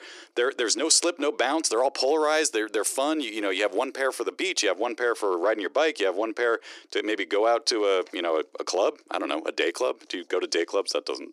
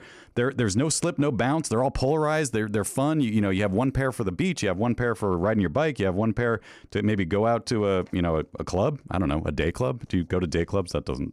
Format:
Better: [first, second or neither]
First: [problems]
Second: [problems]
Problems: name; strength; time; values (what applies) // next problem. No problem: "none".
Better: second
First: thin; very; fading below 300 Hz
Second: none